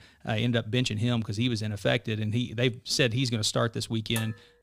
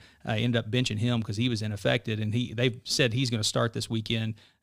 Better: second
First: clattering dishes; faint; at 4 s; peak 10 dB below the speech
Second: none

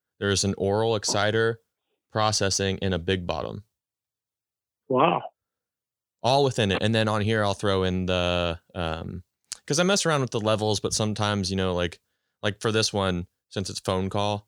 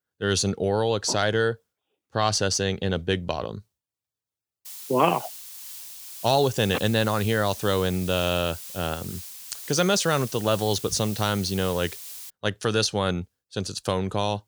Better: first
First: none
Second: hiss; noticeable; from 4.5 to 12 s; 10 dB below the speech

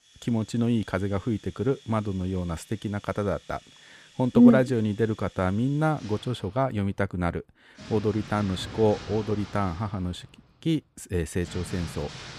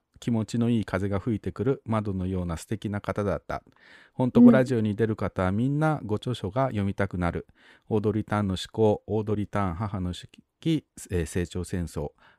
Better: second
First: household noises; noticeable; throughout; 20 dB below the speech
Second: none

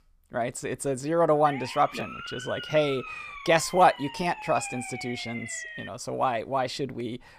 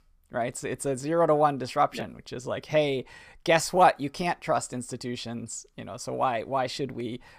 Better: second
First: siren; noticeable; from 1.5 to 6 s; peak 9 dB below the speech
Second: none

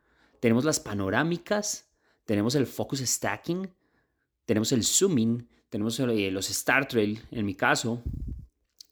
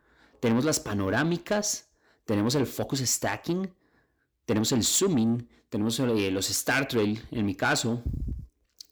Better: first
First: none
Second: distortion; slight; 10 dB below the speech

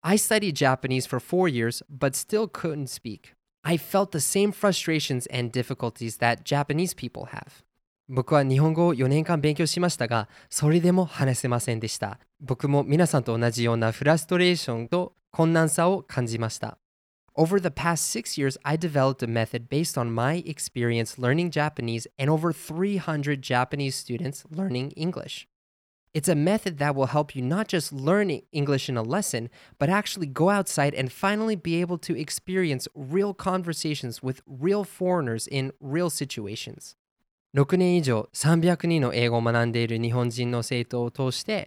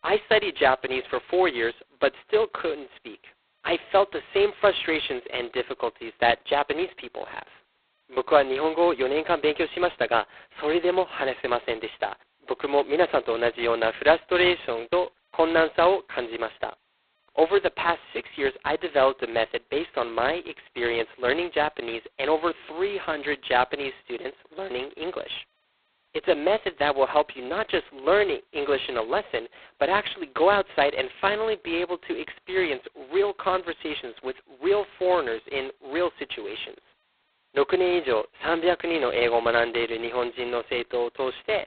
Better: first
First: none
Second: phone-call audio; poor line; nothing above 4 kHz

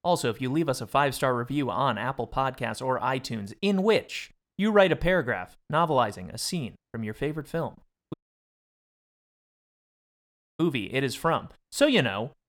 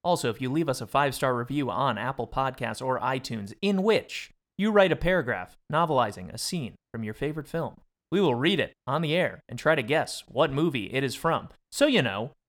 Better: second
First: audio cutting out; at 8 s for 2.5 s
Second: none

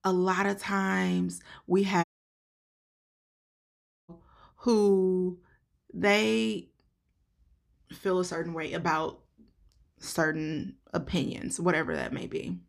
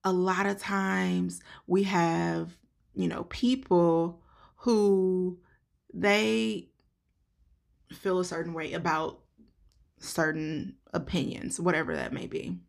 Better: second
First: audio cutting out; at 2 s for 2 s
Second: none

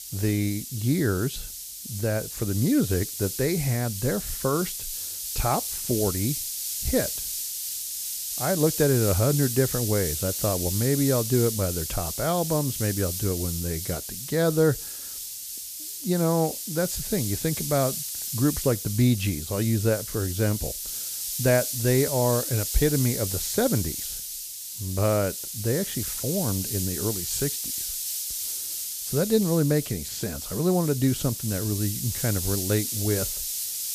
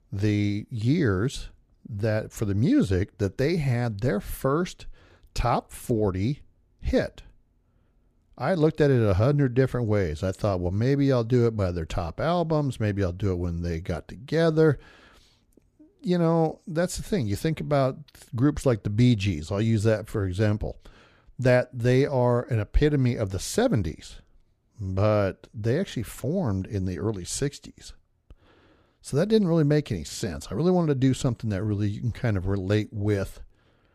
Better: second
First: hiss; loud; throughout; 3 dB below the speech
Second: none

